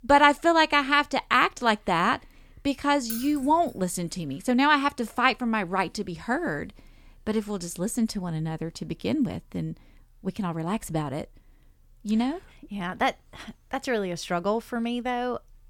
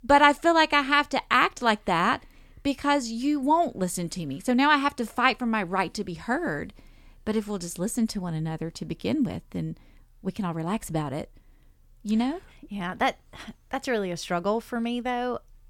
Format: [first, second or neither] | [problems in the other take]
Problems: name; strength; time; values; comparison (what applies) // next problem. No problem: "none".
second | jangling keys; noticeable; at 3 s; peak 9 dB below the speech